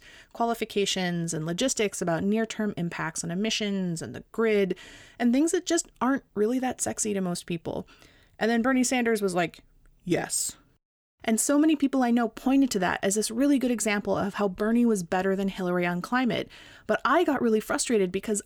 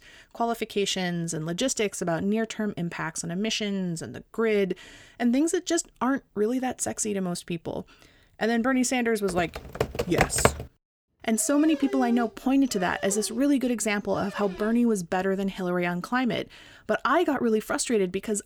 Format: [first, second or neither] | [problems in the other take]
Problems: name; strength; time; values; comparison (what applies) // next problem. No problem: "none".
first | keyboard typing; loud; from 9.5 to 11 s; peak 3 dB above the speech // dog barking; noticeable; from 11 to 15 s; peak 8 dB below the speech